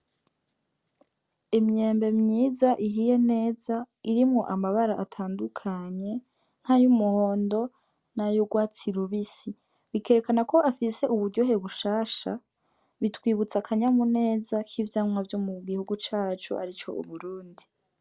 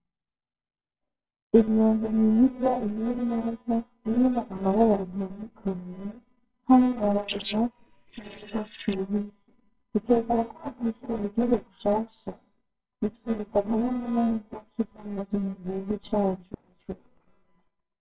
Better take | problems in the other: first | noise reduction (neural separator model SepFormer WHAMR!)

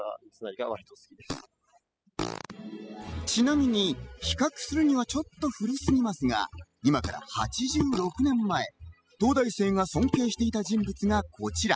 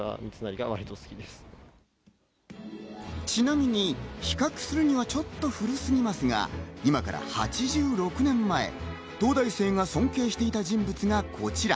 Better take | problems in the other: second | noise reduction (classical method spectral subtraction)

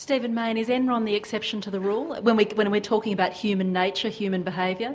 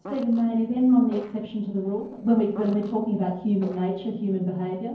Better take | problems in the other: first | noise reduction (neural separator model SepFormer DNS4)

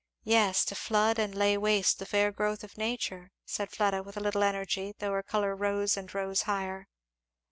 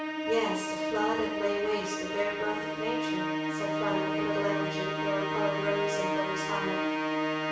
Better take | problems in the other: first | background sound (Musical instrument); 2 dB above the speech // room echo; dies away in 0.6 s

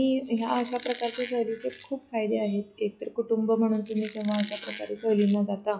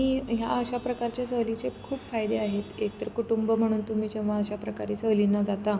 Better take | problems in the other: second | noise reduction (classical method log-MMSE)

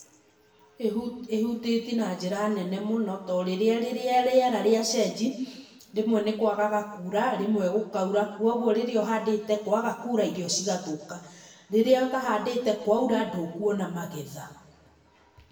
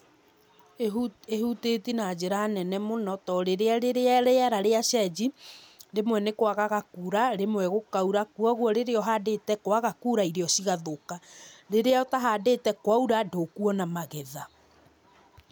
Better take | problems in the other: second | room echo; dies away in 0.9 s

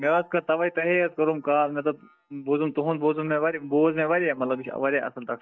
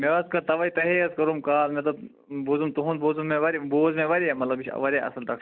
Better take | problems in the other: second | noise reduction (neural mask model DeepFilterNet 3)

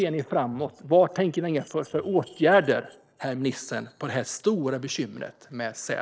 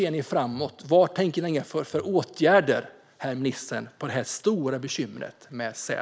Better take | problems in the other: second | noise reduction (neural separator model SepFormer DNS4)

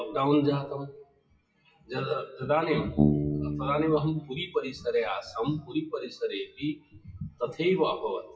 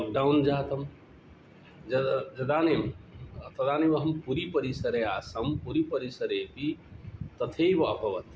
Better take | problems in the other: second | noise reduction (classical method WPE with log-MMSE)

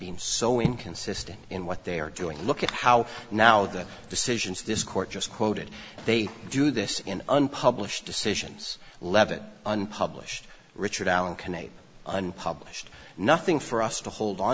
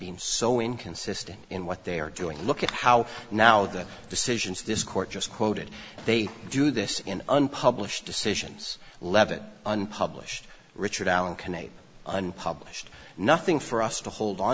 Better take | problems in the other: second | background sound (Raindrop / Drip); 8 dB below the speech

